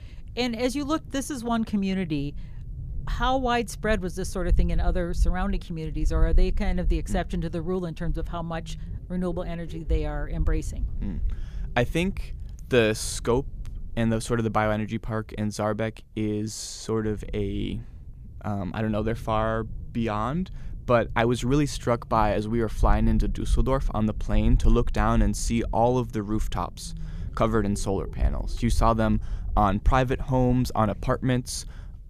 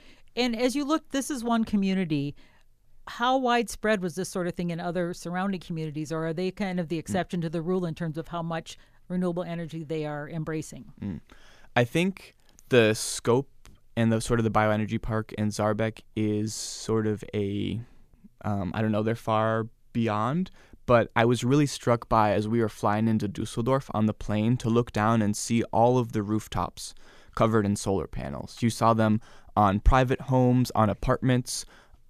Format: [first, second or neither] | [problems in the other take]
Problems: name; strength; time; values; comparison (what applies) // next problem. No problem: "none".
second | low rumble; faint; throughout; 25 dB below the speech